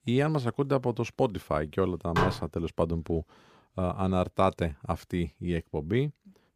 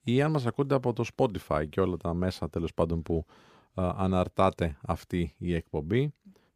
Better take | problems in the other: second | clattering dishes; loud; at 2 s; peak level with the speech

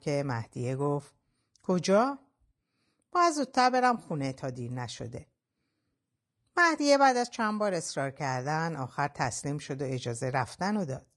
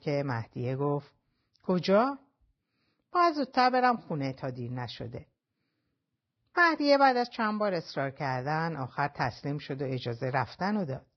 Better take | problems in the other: first | garbled, watery; badly; nothing above 5.5 kHz; slightly in the first

